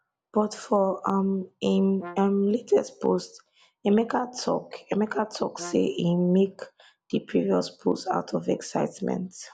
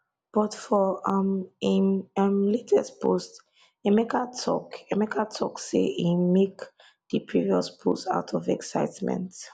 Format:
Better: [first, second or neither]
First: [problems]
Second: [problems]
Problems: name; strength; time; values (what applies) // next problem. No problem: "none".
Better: second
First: background sound (Brass instrument); 19 dB below the speech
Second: none